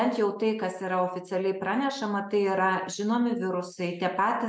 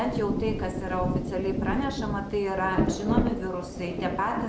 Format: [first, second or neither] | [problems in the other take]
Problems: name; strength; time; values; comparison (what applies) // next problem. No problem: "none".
first | background sound (Rain); as loud as the speech